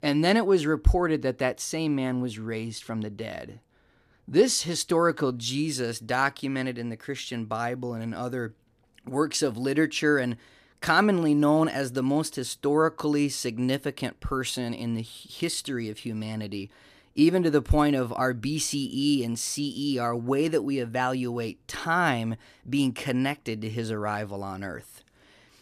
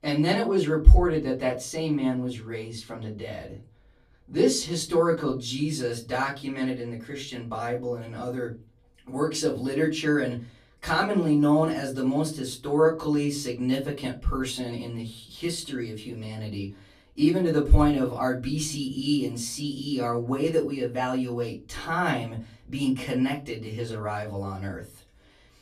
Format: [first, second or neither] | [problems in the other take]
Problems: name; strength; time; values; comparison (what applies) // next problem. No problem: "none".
first | off-mic speech; far // room echo; very slight; dies away in 0.2 s